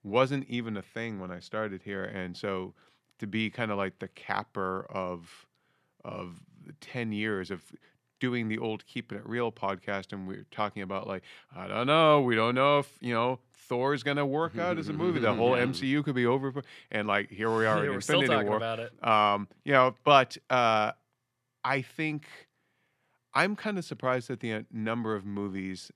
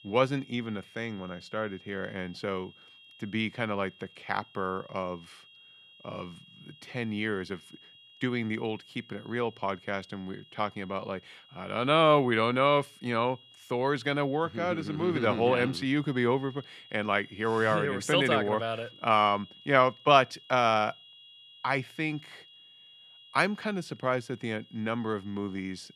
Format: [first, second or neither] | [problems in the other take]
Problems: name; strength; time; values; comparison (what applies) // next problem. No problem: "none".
first | high-pitched whine; faint; throughout; 3.5 kHz, 25 dB below the speech